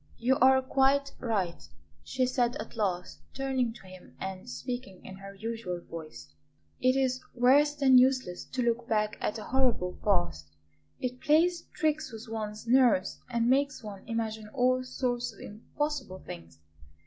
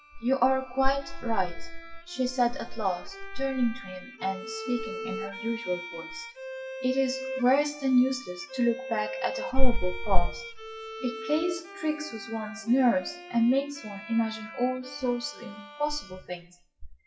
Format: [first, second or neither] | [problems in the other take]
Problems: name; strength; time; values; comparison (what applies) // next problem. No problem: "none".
first | noise reduction (classical method WPE with log-MMSE)